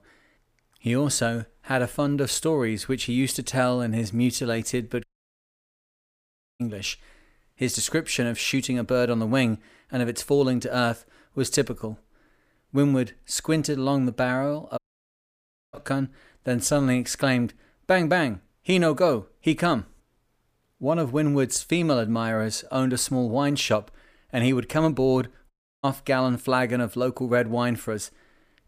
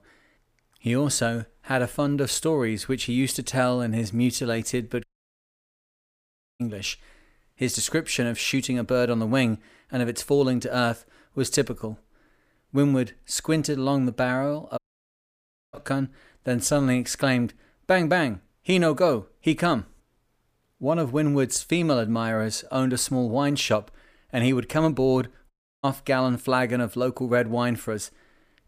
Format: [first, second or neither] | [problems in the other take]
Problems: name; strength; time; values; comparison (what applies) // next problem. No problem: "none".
neither | audio cutting out; at 5 s for 1.5 s, at 15 s for 1 s and at 26 s; the same in both